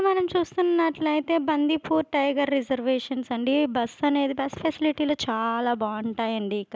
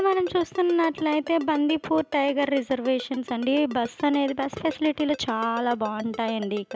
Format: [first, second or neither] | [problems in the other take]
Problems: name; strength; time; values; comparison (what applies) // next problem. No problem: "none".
first | background sound (Ringtone); 18 dB below the speech